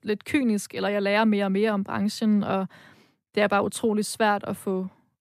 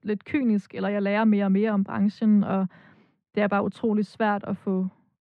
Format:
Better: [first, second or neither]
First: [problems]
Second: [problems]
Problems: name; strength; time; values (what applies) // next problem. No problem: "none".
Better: first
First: none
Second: muffled; slightly; fading above 2.5 kHz